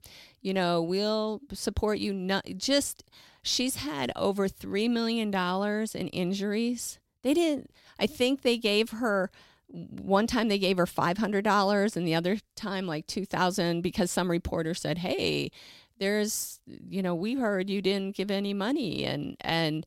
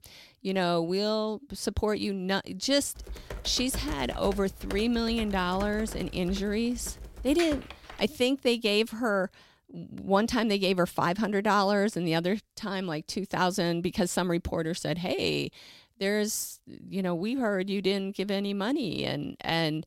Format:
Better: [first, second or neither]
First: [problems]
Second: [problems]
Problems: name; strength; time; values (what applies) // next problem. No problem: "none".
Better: first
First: none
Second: keyboard typing; noticeable; from 3 to 8 s; peak 8 dB below the speech